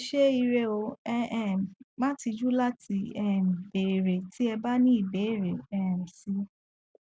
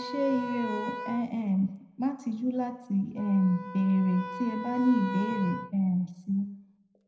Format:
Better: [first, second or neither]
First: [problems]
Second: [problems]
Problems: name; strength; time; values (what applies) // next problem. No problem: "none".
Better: first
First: none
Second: background sound (Wind instrument, woodwind instrument); 11 dB below the speech // room echo; dies away in 0.7 s